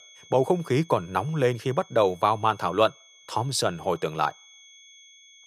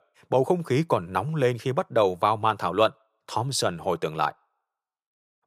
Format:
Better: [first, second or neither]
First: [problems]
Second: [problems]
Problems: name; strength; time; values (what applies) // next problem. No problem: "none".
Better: second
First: high-pitched whine; faint; throughout; 3.5 kHz, 25 dB below the speech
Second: none